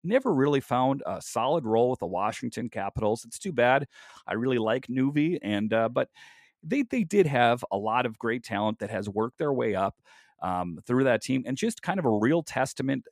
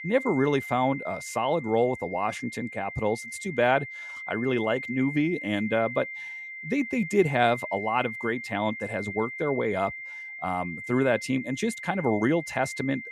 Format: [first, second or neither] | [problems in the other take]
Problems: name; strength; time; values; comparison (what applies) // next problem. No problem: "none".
first | high-pitched whine; loud; throughout; 2 kHz, 9 dB below the speech